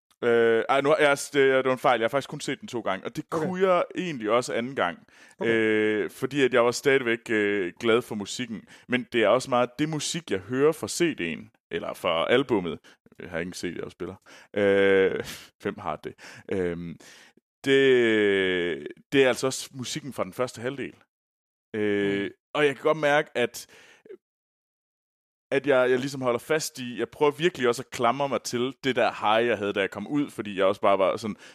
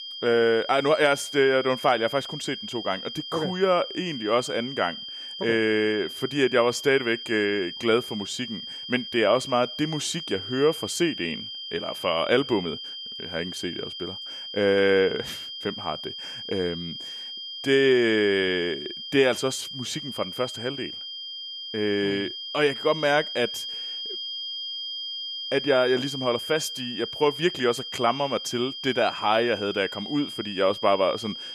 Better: first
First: none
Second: high-pitched whine; loud; throughout; 3 kHz, 8 dB below the speech

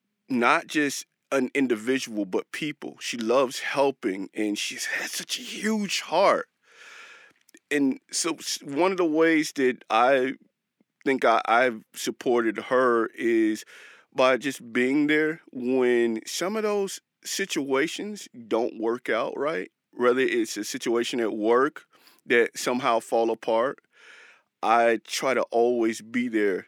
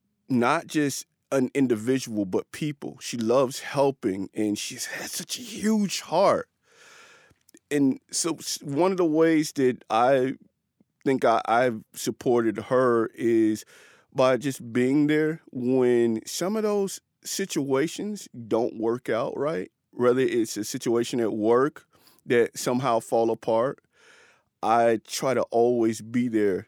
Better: second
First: thin; very slightly; fading below 250 Hz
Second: none

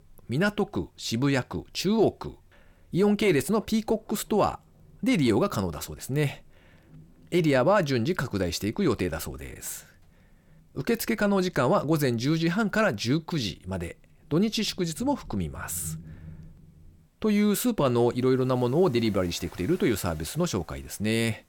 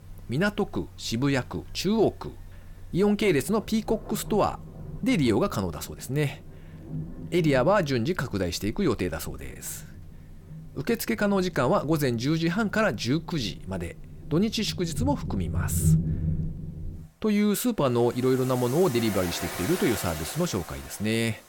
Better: first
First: rain or running water; faint; throughout; 25 dB below the speech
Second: rain or running water; loud; throughout; 8 dB below the speech

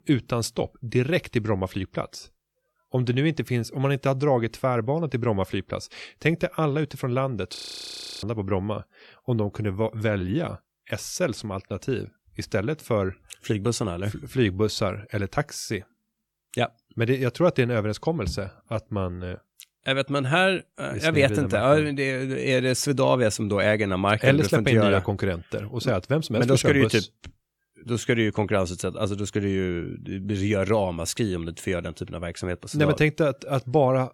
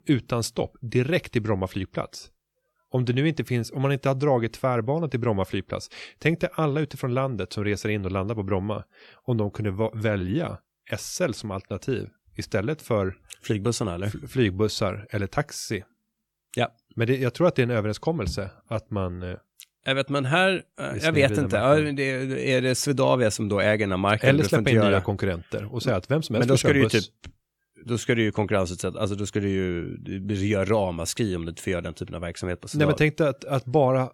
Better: second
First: audio freezing; at 7.5 s for 0.5 s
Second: none

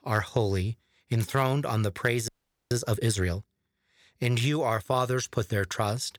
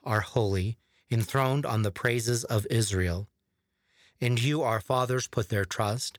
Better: second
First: audio freezing; at 2.5 s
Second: none

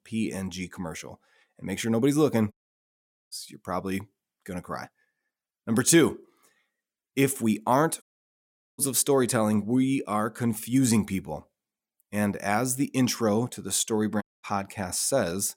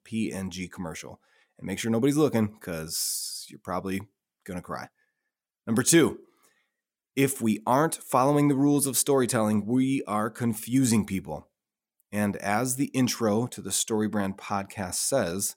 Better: second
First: audio cutting out; at 2.5 s for 1 s, at 8 s for 1 s and at 14 s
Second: none

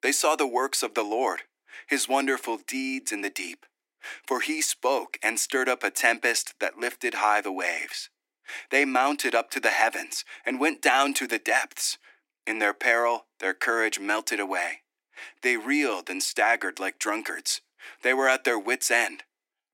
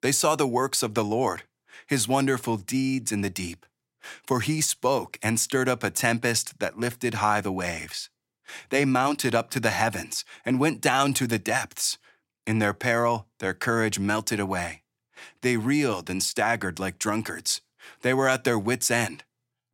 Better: second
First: thin; somewhat; fading below 300 Hz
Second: none

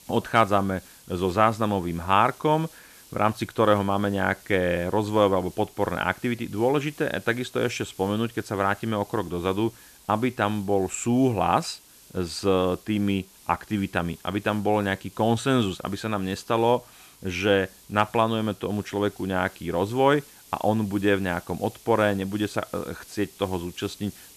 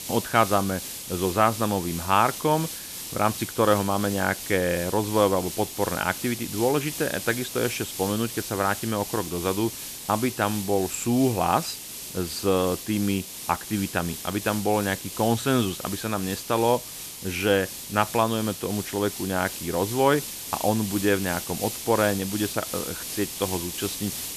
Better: first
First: hiss; faint; throughout; 25 dB below the speech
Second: hiss; loud; throughout; 8 dB below the speech

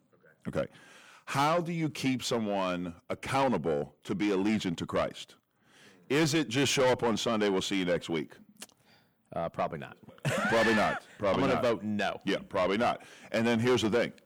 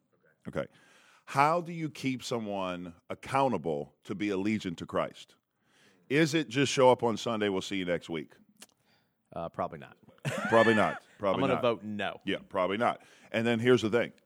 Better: second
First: distortion; heavy; 6 dB below the speech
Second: none

